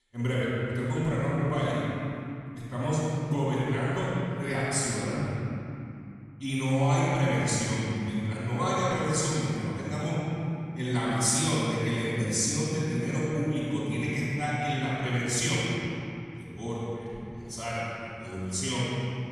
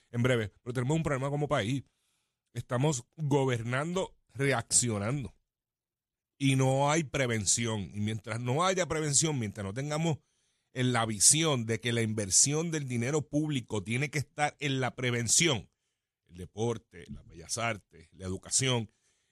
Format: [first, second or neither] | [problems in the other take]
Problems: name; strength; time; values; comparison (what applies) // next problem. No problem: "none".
second | room echo; strong; dies away in 2.8 s // off-mic speech; far